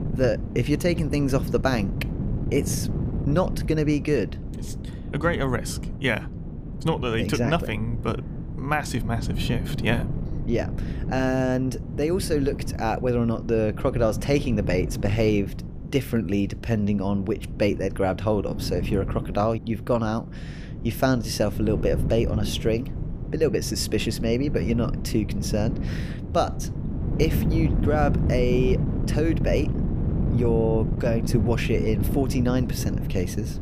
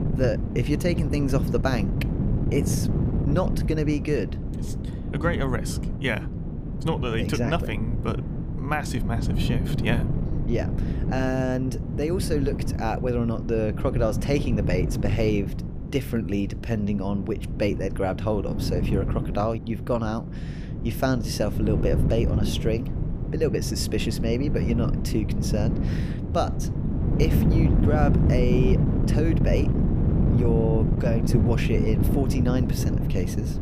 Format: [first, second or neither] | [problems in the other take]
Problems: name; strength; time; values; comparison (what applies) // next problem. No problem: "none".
first | wind noise on the microphone; heavy; 6 dB below the speech; occasional gusts in the first